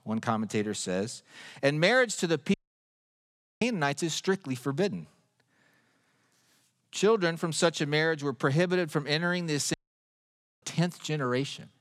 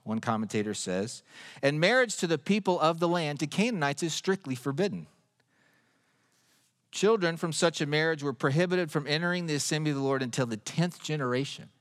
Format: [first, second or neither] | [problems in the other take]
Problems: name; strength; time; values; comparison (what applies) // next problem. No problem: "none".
second | audio cutting out; at 2.5 s for 1 s and at 9.5 s for 1 s